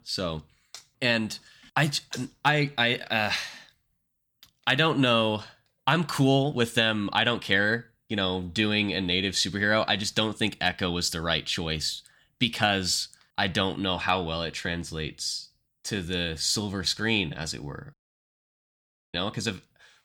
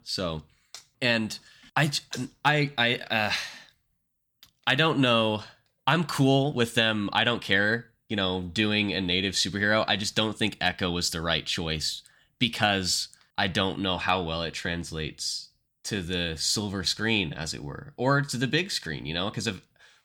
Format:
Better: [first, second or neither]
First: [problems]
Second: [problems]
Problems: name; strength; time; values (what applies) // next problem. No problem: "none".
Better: second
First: audio cutting out; at 18 s for 1 s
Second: none